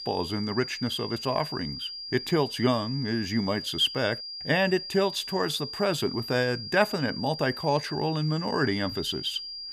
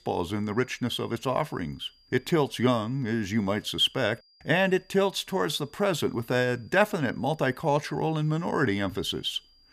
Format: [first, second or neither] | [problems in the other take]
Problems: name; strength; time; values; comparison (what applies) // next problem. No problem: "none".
second | high-pitched whine; loud; throughout; 5 kHz, 8 dB below the speech; faint in the second